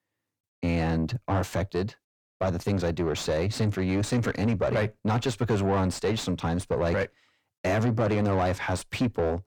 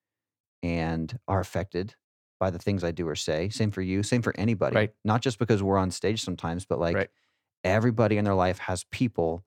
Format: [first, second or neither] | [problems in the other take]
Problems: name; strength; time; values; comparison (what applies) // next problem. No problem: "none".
second | distortion; heavy; 6 dB below the speech